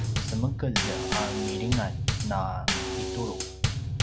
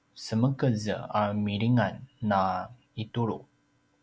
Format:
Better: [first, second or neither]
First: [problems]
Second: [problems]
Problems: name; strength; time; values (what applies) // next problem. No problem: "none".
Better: second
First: background sound (Bass drum / Snare drum / Drum kit); 4 dB above the speech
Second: none